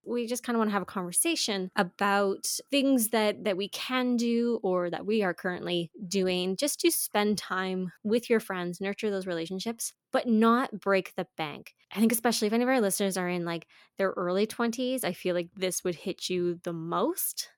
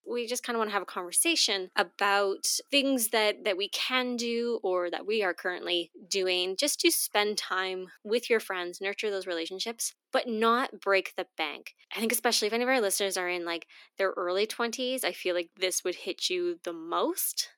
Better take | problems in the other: first | thin; somewhat; fading below 250 Hz

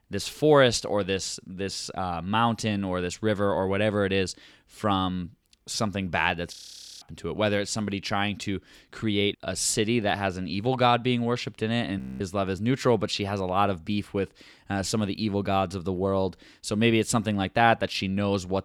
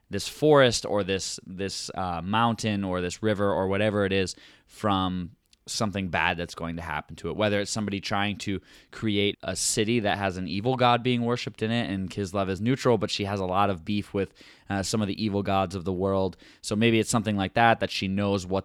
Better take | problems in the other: second | audio freezing; at 6.5 s and at 12 s

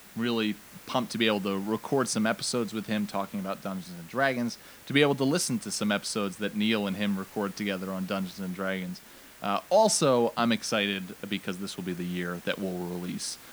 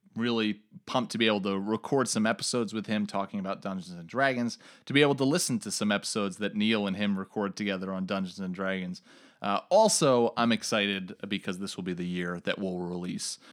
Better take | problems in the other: second | hiss; noticeable; throughout; 20 dB below the speech

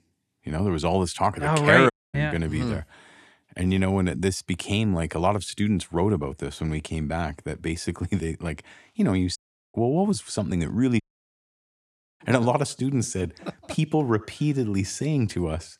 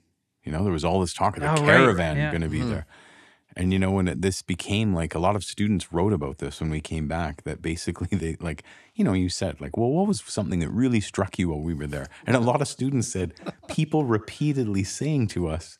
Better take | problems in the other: second | audio cutting out; at 2 s, at 9.5 s and at 11 s for 1 s

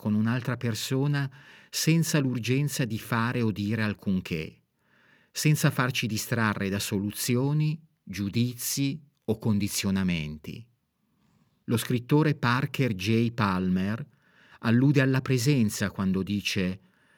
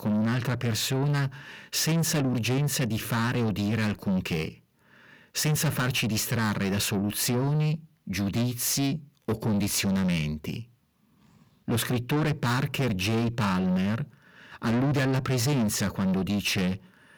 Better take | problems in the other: first | distortion; heavy; 7 dB below the speech

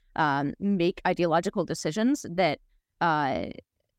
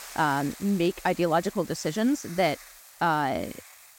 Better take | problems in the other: first | hiss; noticeable; throughout; 15 dB below the speech

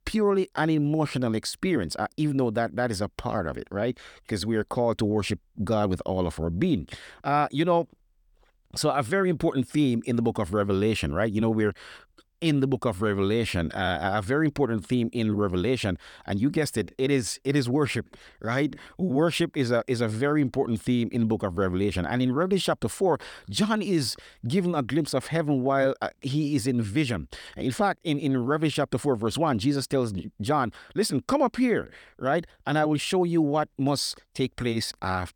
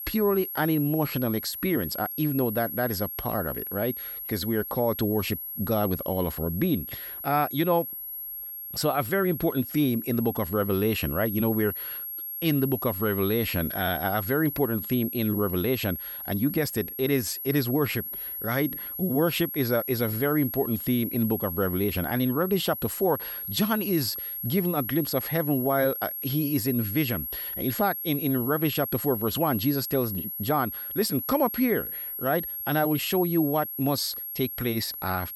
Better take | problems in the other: first | high-pitched whine; loud; throughout; 11.5 kHz, 5 dB below the speech

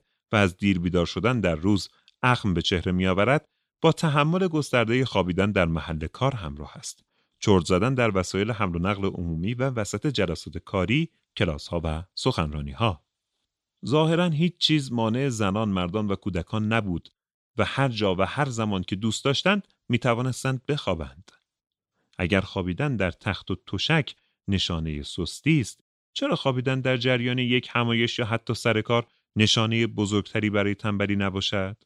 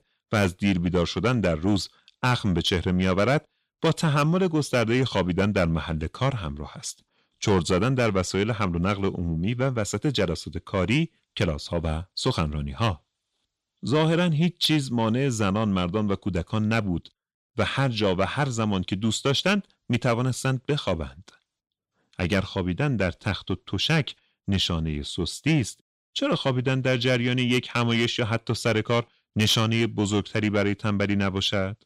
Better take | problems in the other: first | distortion; slight; 10 dB below the speech

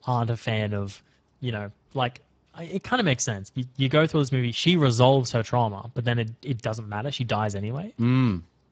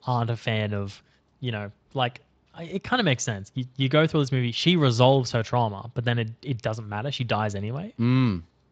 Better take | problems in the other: second | garbled, watery; badly; nothing above 7.5 kHz; slightly in the second

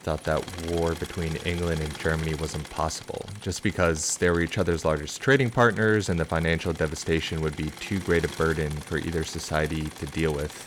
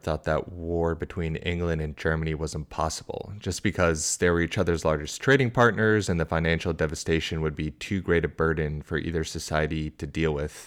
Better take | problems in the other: second | machinery noise; noticeable; throughout; 15 dB below the speech

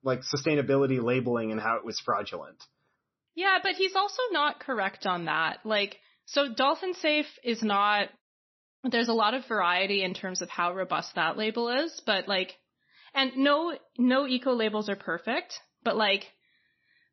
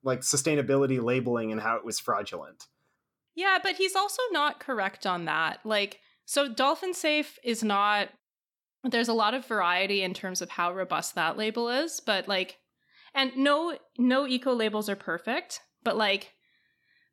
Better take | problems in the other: second | garbled, watery; slightly; nothing above 6 kHz

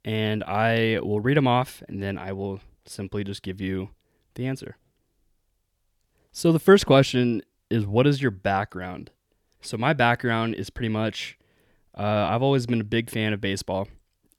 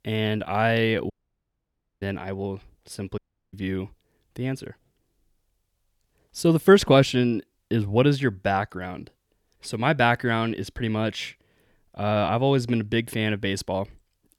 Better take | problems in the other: first | audio cutting out; at 1 s for 1 s and at 3 s

